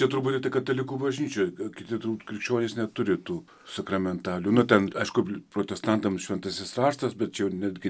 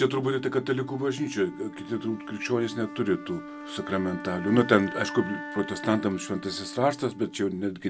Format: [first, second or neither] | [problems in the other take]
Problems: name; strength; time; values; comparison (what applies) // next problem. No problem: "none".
first | background sound (Wind instrument, woodwind instrument); 12 dB below the speech